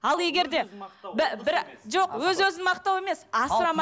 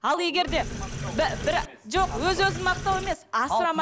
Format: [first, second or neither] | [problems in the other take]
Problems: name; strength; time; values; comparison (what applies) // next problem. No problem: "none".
first | background sound (Sink (filling or washing)); 7 dB below the speech